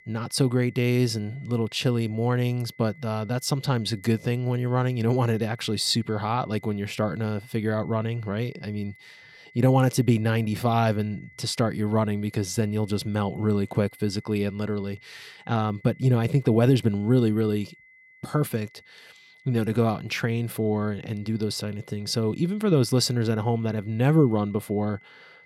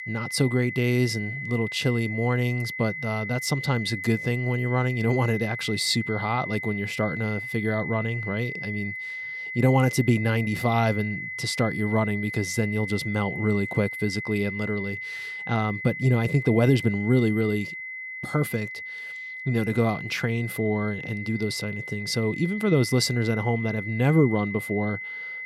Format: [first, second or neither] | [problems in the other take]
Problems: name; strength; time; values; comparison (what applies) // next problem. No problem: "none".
first | high-pitched whine; loud; throughout; 2 kHz, 7 dB below the speech; faint in the first